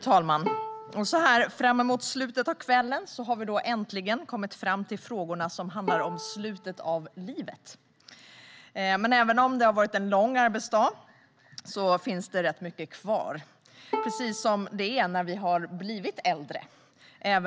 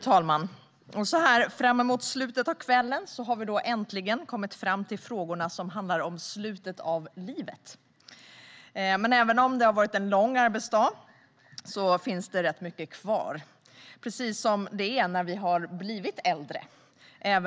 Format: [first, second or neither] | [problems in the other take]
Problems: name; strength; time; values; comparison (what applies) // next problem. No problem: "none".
second | background sound (Bowed string instrument); 11 dB below the speech